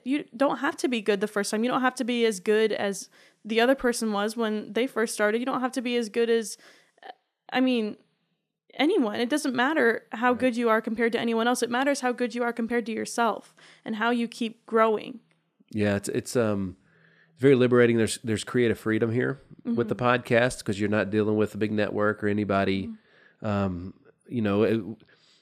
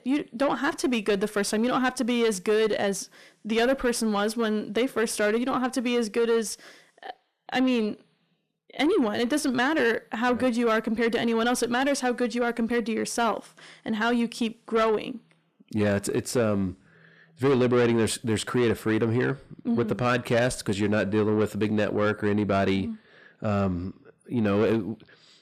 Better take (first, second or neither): first